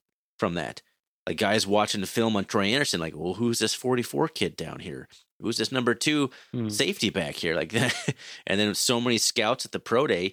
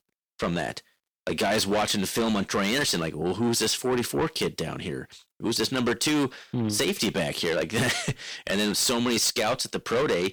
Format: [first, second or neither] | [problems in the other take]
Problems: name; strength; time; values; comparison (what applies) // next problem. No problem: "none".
first | distortion; heavy; 6 dB below the speech